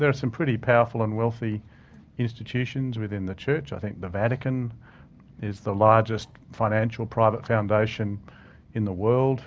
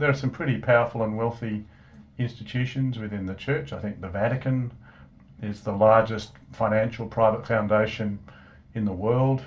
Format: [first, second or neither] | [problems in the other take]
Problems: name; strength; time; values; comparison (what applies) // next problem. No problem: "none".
first | room echo; dies away in 0.2 s